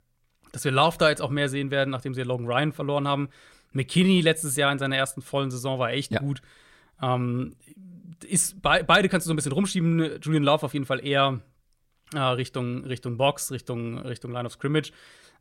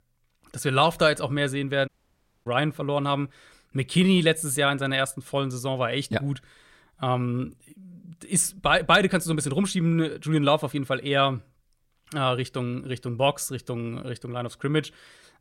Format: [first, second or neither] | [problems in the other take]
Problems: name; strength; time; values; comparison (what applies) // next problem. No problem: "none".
first | audio cutting out; at 2 s for 0.5 s